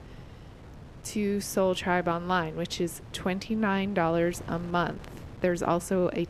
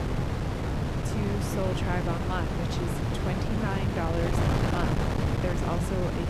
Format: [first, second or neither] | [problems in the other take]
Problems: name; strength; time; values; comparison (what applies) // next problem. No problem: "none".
first | wind noise on the microphone; heavy; 2 dB above the speech; occasional gusts in the first